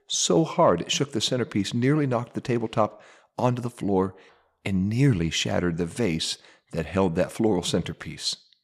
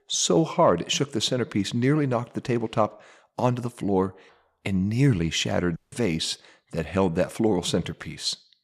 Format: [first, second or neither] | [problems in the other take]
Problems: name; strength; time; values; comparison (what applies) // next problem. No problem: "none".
first | audio cutting out; at 6 s